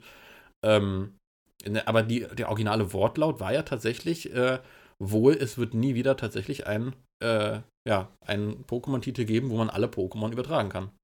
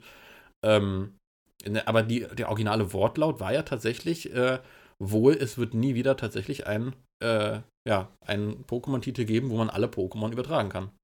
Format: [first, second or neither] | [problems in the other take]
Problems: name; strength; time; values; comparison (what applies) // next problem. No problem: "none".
neither | none